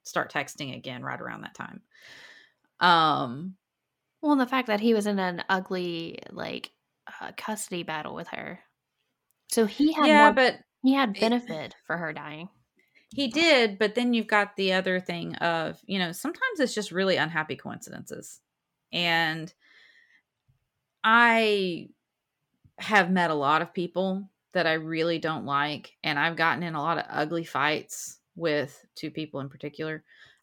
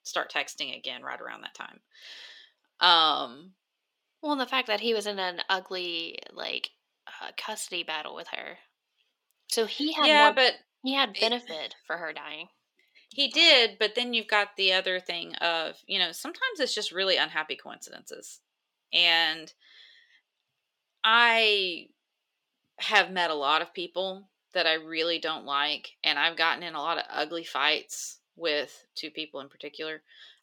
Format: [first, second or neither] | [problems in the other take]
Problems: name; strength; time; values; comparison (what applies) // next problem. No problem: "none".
first | thin; somewhat; fading below 450 Hz